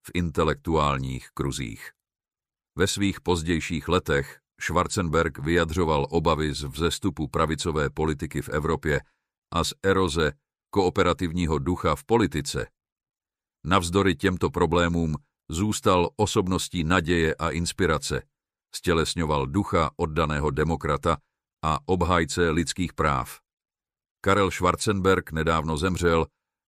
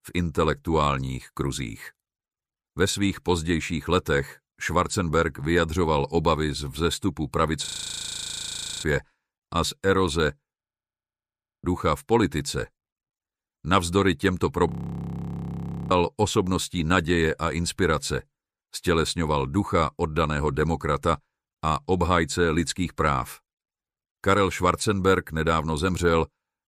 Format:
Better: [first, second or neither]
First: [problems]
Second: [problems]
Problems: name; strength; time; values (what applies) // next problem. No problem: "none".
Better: first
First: none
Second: audio freezing; at 7.5 s for 1 s, at 11 s for 1 s and at 15 s for 1 s